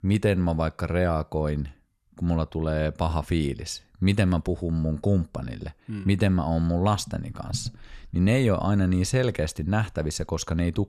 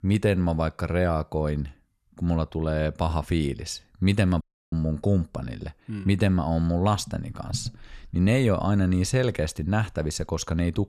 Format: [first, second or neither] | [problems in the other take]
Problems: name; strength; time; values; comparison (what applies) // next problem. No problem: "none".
first | audio cutting out; at 4.5 s